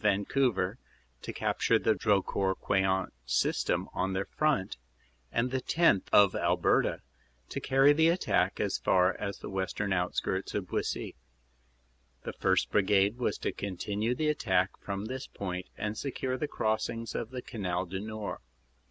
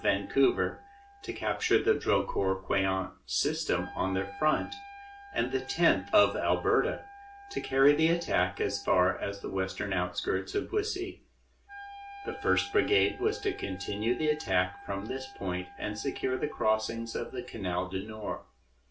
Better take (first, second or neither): first